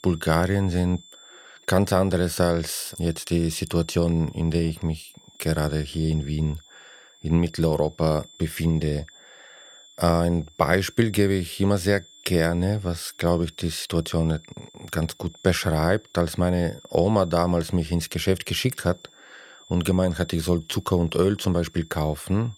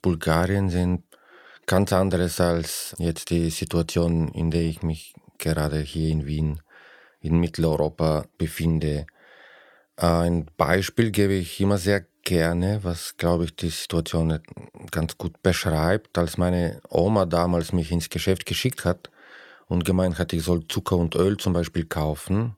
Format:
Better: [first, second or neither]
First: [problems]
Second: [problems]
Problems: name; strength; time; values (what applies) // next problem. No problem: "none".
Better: second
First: high-pitched whine; faint; throughout; 3.5 kHz, 25 dB below the speech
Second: none